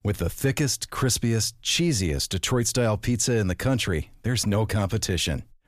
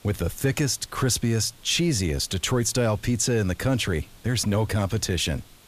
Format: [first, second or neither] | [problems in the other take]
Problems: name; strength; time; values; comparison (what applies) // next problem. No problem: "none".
first | hiss; faint; throughout; 25 dB below the speech